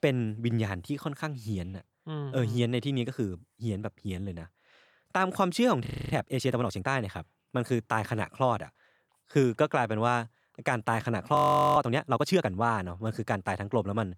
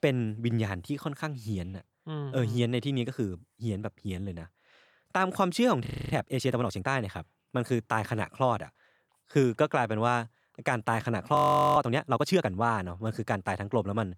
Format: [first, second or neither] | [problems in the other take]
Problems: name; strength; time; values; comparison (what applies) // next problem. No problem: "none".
neither | audio freezing; at 6 s and at 11 s; the same in both